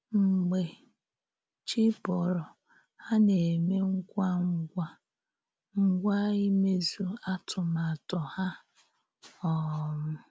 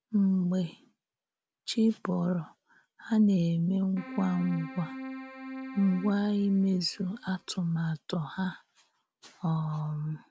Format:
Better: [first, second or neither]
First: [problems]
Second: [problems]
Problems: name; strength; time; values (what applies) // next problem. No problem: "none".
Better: first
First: none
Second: background sound (Keyboard (musical)); 12 dB below the speech